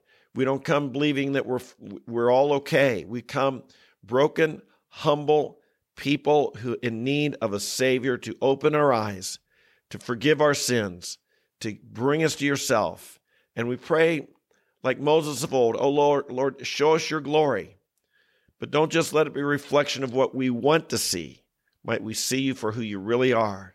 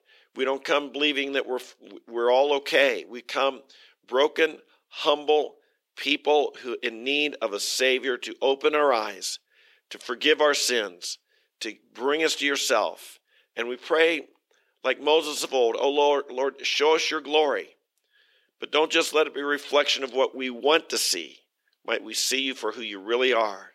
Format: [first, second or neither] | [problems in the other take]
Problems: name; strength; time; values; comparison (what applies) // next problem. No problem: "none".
first | thin; somewhat; fading below 300 Hz